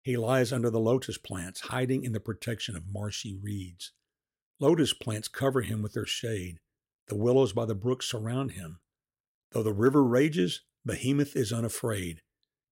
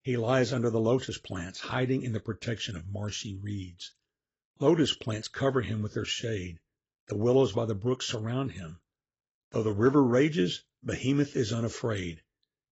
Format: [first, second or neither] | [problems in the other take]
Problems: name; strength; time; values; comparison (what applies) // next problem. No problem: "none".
first | garbled, watery; badly; nothing above 7.5 kHz